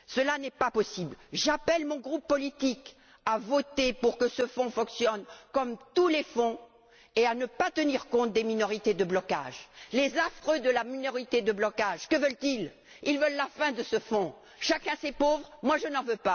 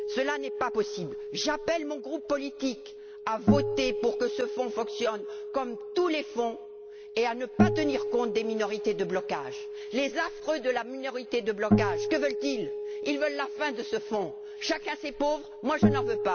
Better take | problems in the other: first | background sound (Acoustic guitar); 1 dB below the speech

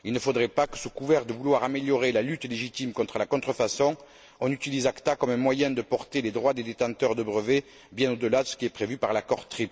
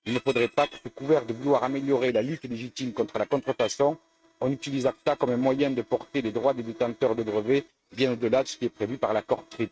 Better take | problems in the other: first | noise reduction (neural mask model RNNoise)

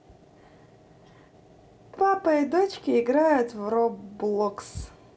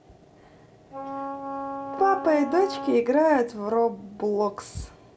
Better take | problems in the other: first | background sound (Wind instrument, woodwind instrument); 10 dB below the speech

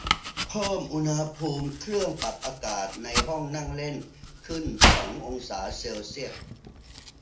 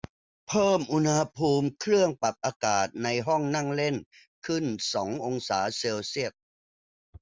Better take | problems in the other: second | background sound (Domestic sounds, home sounds); 2 dB above the speech // room echo; dies away in 0.4 s

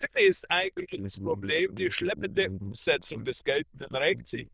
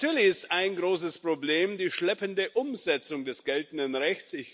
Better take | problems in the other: second | noise reduction (neural diffusion model UNIVERSE++)

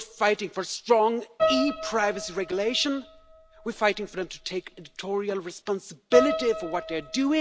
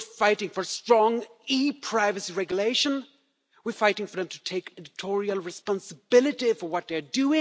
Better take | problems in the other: second | background sound (Piano); 6 dB below the speech

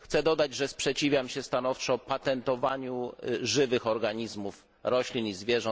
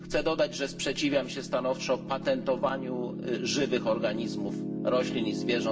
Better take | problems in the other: first | background sound (Piano); 6 dB below the speech // room echo; dies away in 0.4 s

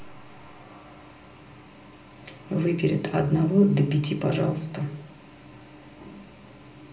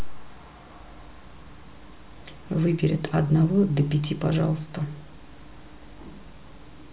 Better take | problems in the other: second | room echo; dies away in 0.5 s

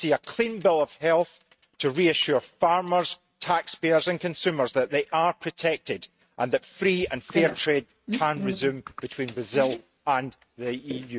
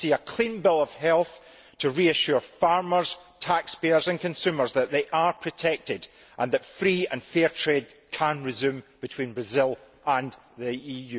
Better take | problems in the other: second | noise reduction (neural mask model RNNoise)

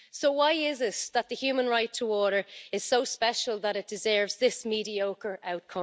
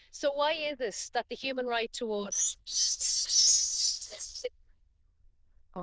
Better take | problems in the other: first | noise reduction (neural diffusion model UNIVERSE++)

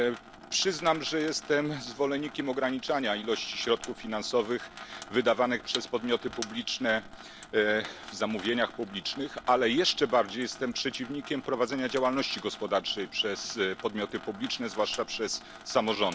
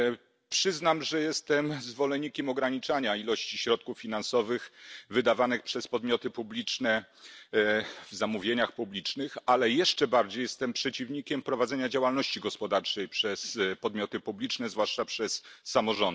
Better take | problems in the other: second | background sound (Sink (filling or washing) / Water tap, faucet); 16 dB below the speech

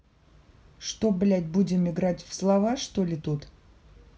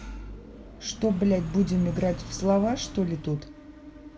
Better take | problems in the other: first | background sound (Car + Engine / Mechanisms); 12 dB below the speech

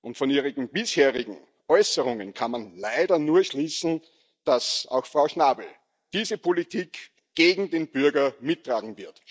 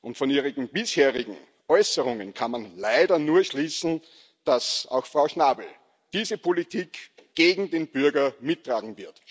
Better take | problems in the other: second | noise reduction (neural mask model DeepFilterNet 3)

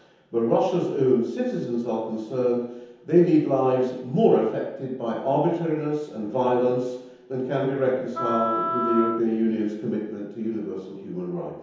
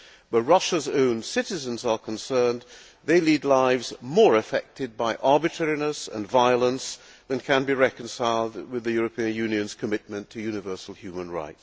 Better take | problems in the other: second | background sound (Wind instrument, woodwind instrument); 5 dB below the speech // room echo; dies away in 0.9 s

